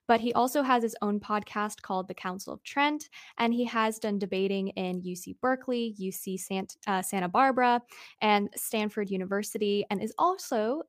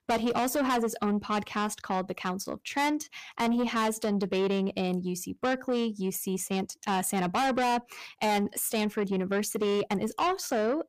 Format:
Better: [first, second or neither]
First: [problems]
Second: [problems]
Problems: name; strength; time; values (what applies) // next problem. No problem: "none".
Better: first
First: none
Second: distortion; heavy; 7 dB below the speech